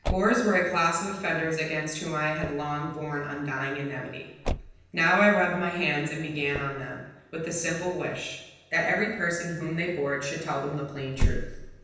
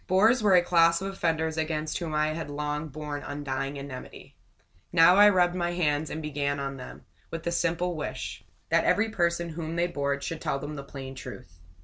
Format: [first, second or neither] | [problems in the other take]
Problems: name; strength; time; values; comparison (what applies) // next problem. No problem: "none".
second | background sound (Motor vehicle (road)); 8 dB below the speech // room echo; dies away in 0.9 s